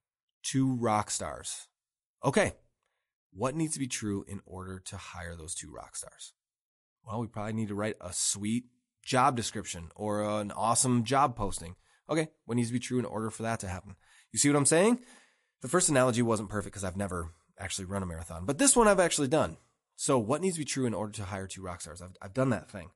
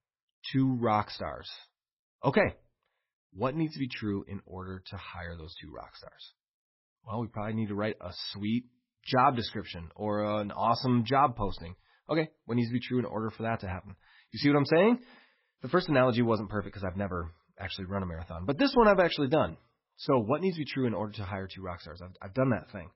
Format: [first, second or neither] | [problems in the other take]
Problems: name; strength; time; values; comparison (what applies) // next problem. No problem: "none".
first | garbled, watery; badly; nothing above 5.5 kHz; slightly in the first